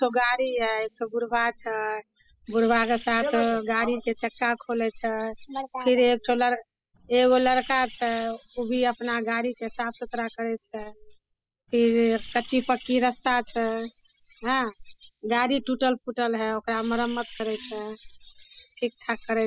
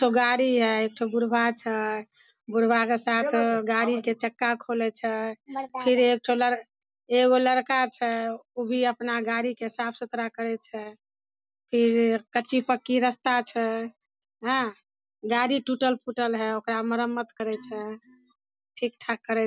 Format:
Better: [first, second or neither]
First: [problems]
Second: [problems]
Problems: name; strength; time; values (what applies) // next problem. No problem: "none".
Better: second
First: noise reduction (classical method spectral subtraction)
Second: none